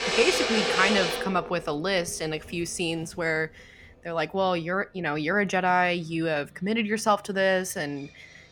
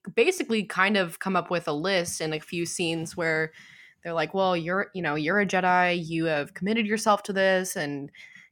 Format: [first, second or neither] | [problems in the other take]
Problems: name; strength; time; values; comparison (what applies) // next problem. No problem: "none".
second | machinery noise; very loud; throughout; as loud as the speech